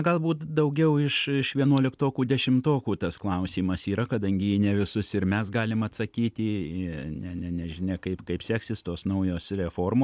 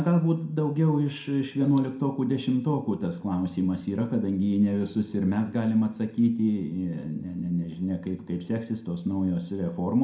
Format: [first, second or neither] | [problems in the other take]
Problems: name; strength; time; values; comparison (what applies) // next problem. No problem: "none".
first | room echo; dies away in 0.4 s